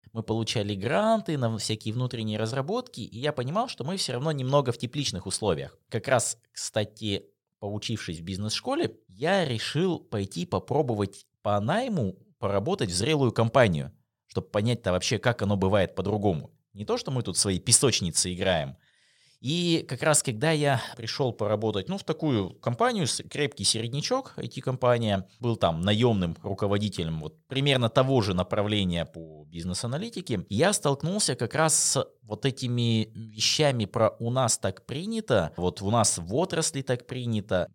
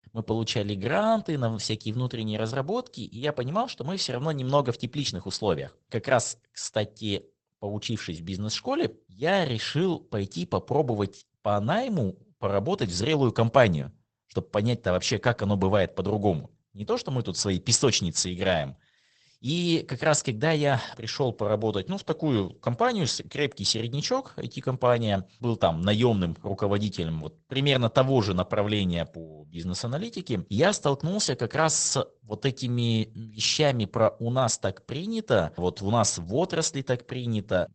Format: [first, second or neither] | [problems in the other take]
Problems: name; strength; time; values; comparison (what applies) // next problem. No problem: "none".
first | garbled, watery; badly; nothing above 8 kHz